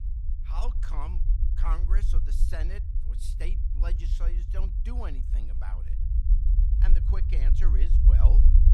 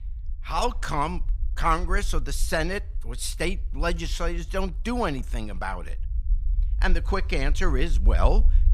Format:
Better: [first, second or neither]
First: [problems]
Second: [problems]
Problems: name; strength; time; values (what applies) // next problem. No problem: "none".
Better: second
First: low rumble; loud; throughout; 4 dB below the speech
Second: low rumble; faint; throughout; 25 dB below the speech